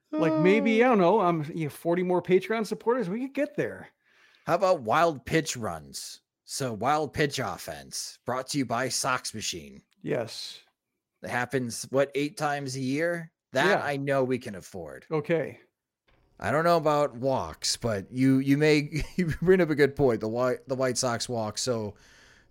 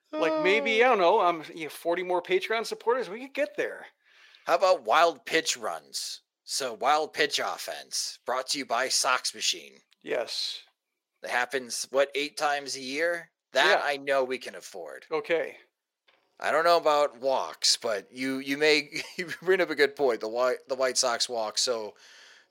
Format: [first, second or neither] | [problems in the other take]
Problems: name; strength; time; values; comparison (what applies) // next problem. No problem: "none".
first | thin; somewhat; fading below 500 Hz